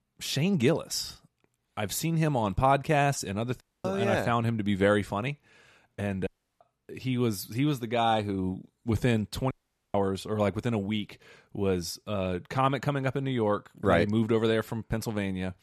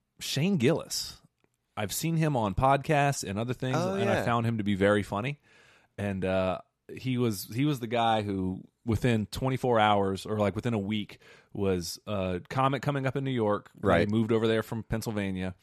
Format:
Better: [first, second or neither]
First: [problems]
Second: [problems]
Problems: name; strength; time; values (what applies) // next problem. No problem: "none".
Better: second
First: audio cutting out; at 3.5 s, at 6.5 s and at 9.5 s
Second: none